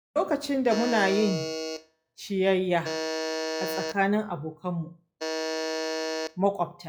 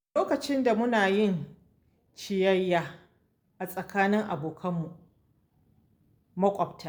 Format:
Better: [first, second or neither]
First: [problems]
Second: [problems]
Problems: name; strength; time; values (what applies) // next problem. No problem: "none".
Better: second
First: noise reduction (classical method log-MMSE)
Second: none